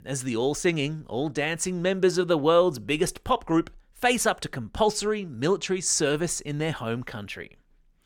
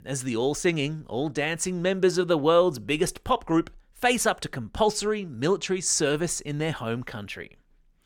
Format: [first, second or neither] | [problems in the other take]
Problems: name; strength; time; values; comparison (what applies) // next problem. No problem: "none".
neither | none